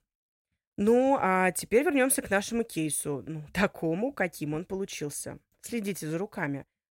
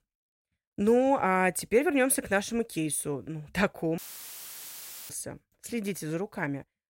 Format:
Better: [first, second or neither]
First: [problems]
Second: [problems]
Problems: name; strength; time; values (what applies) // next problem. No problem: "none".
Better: first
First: none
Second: audio cutting out; filled with static; at 4 s for 1 s